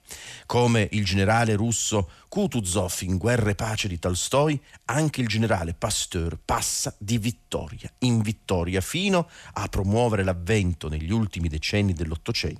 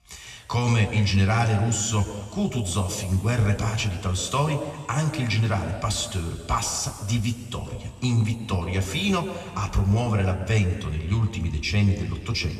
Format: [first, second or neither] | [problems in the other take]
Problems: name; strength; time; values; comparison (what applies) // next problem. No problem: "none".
first | room echo; noticeable; dies away in 2.1 s // off-mic speech; somewhat distant